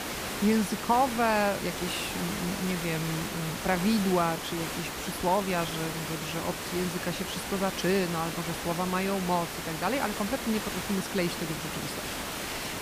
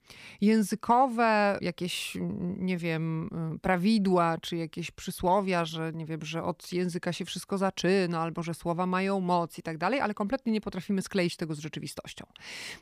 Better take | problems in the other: second | hiss; loud; throughout; 4 dB below the speech

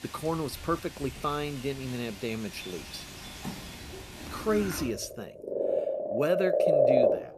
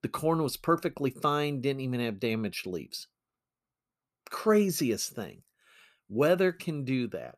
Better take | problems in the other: second | animal sounds; very loud; throughout; 3 dB above the speech

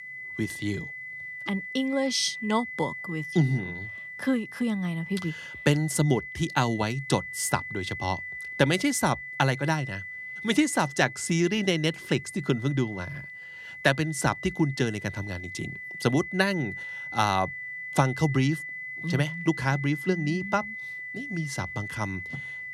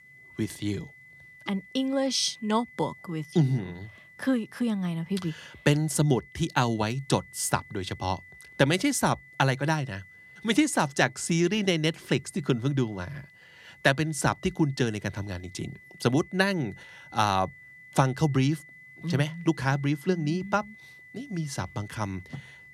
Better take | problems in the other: second | high-pitched whine; loud; throughout; 2 kHz, 9 dB below the speech; faint in the second

